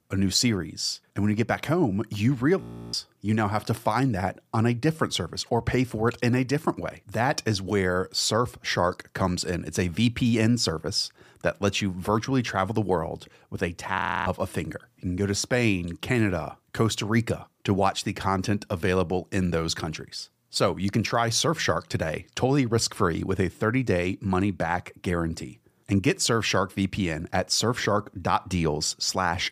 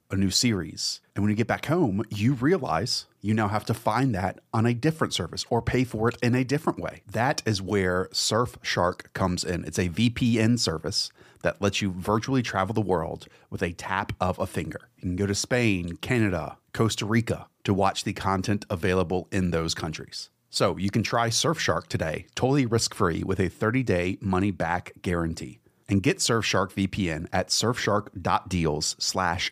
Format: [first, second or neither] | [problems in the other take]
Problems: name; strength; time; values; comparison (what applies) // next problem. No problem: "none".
second | audio freezing; at 2.5 s and at 14 s